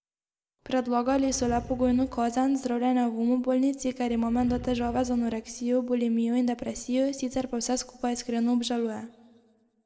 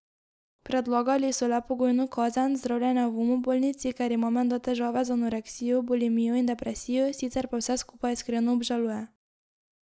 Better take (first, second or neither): second